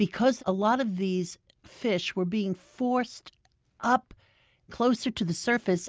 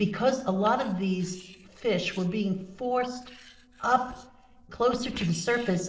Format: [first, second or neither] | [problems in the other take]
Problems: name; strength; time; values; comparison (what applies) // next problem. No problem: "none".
first | noise reduction (neural separator model SepFormer DNS4)